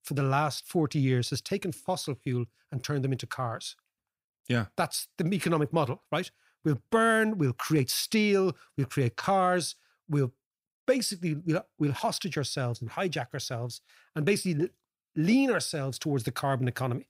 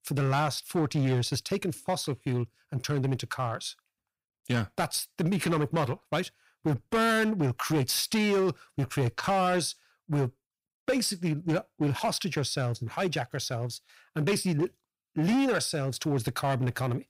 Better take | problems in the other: first | distortion; slight; 9% of the sound clipped

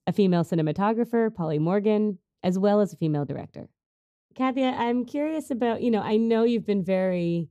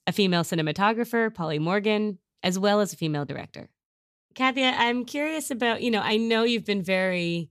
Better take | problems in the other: second | muffled; slightly; fading above 1 kHz

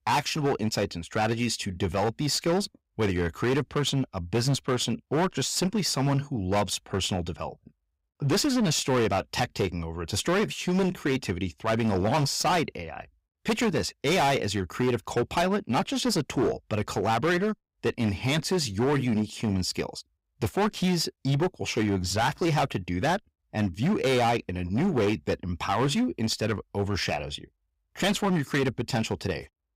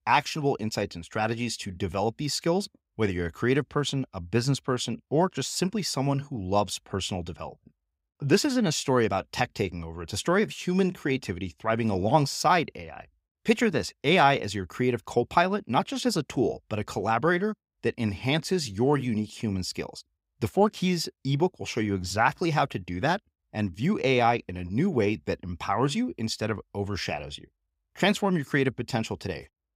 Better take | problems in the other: second | distortion; heavy; 13% of the sound clipped

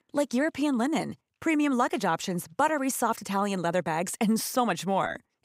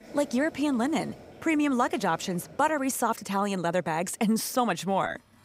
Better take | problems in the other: first | household noises; faint; throughout; 25 dB below the speech

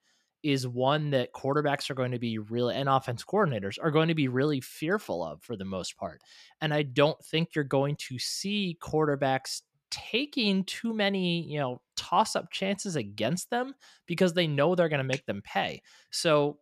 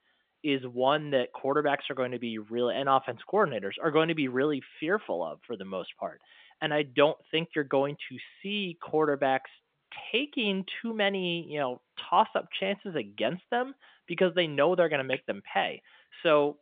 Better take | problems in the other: first | phone-call audio; nothing above 3 kHz

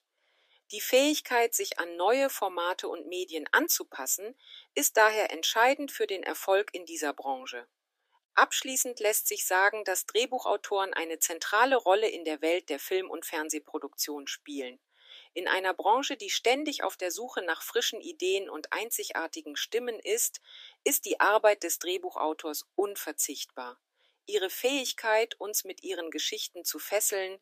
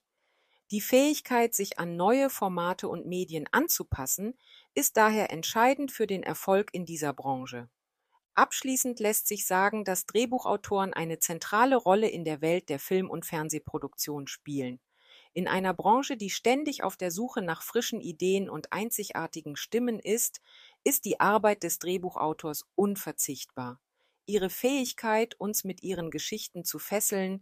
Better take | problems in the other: second | thin; somewhat; fading below 300 Hz

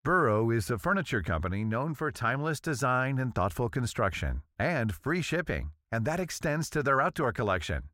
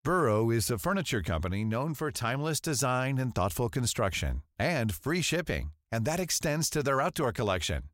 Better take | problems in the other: second | muffled; slightly; fading above 3 kHz

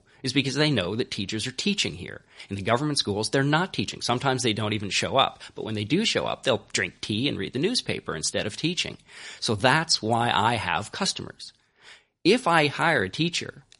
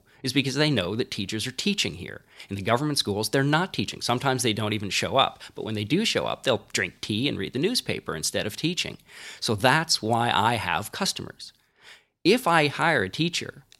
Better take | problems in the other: second | garbled, watery; slightly; nothing above 10.5 kHz

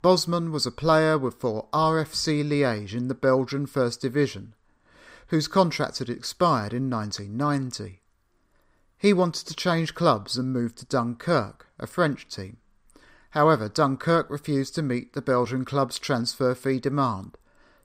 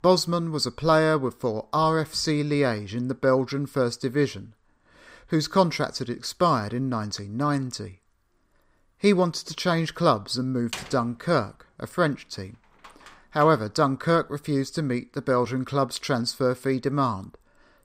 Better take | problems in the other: first | door banging; faint; from 11 to 13 s; peak 10 dB below the speech

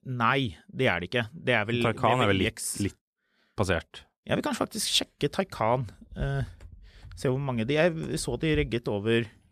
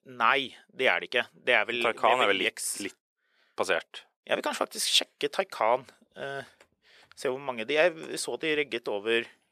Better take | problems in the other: first | thin; somewhat; fading below 500 Hz

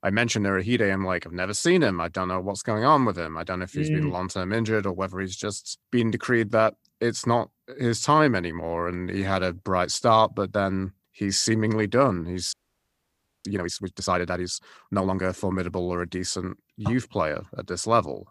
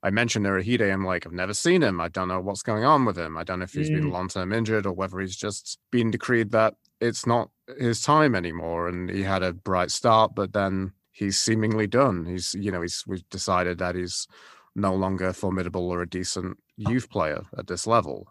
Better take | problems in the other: second | audio freezing; at 13 s for 1 s

